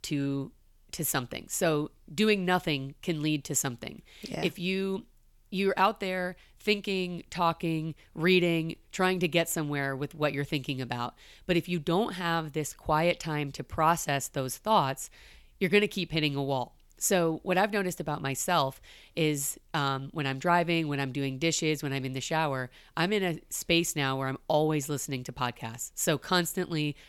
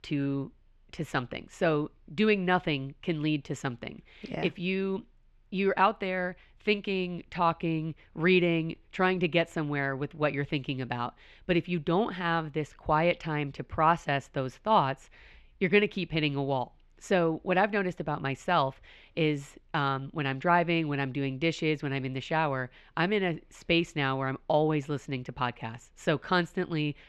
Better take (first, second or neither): first